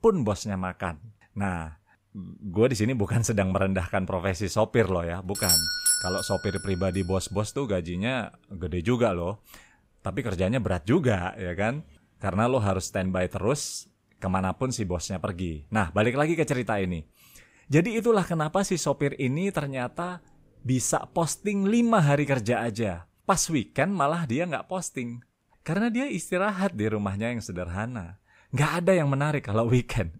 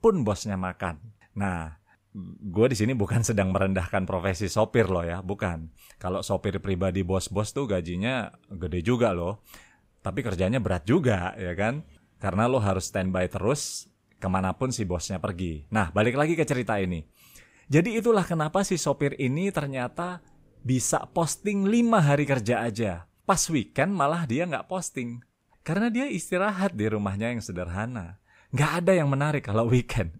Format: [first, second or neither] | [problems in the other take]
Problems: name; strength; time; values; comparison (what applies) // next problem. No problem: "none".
second | doorbell; loud; at 5.5 s; peak 6 dB above the speech